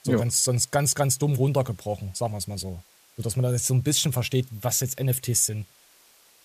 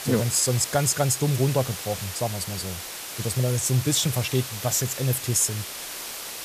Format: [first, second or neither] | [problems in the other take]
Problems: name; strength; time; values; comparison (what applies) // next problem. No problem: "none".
first | hiss; loud; throughout; 8 dB below the speech; faint in the first